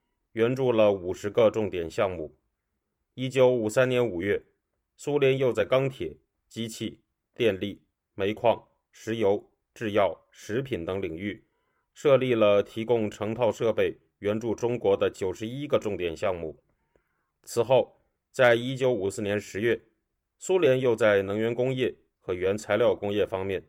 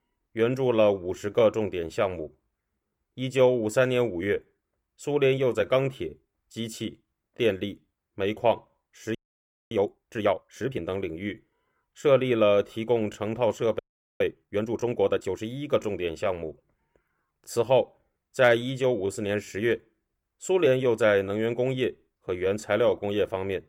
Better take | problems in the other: first | audio freezing; at 9 s for 0.5 s and at 14 s

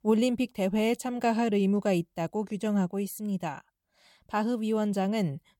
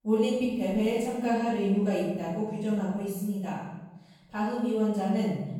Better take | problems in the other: first | off-mic speech; far // room echo; strong; dies away in 1 s

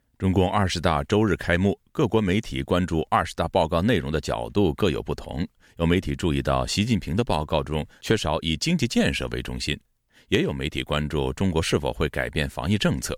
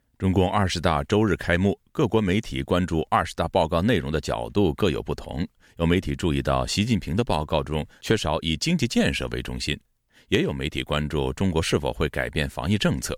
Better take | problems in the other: neither | none

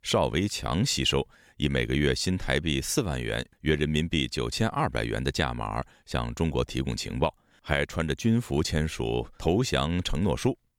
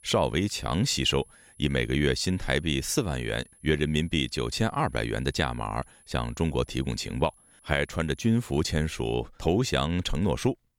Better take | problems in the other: first | high-pitched whine; faint; until 9 s; 10.5 kHz, 30 dB below the speech

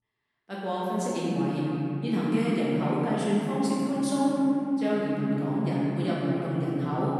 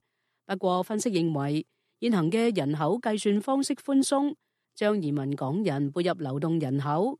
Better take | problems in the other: second | room echo; strong; dies away in 3 s // off-mic speech; far

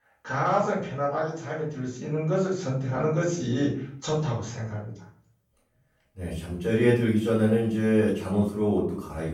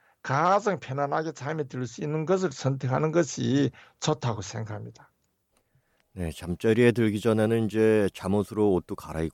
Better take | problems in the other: second | off-mic speech; far // room echo; noticeable; dies away in 0.5 s

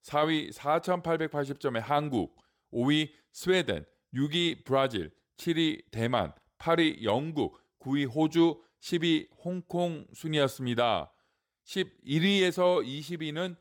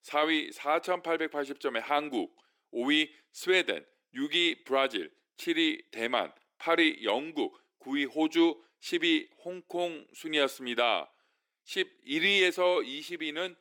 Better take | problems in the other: first | thin; very slightly; fading below 300 Hz

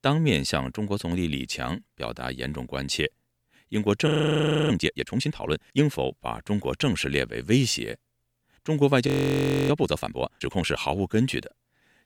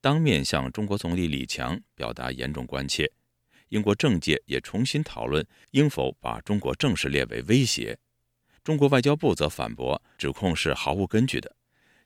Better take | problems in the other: second | audio freezing; at 4 s for 0.5 s and at 9 s for 0.5 s

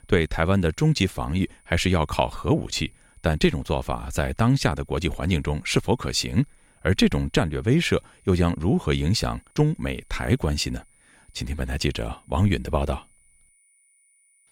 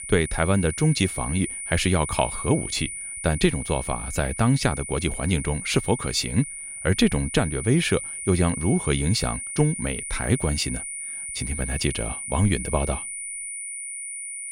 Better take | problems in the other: first | high-pitched whine; loud; throughout; 9.5 kHz, 6 dB below the speech; faint in the first

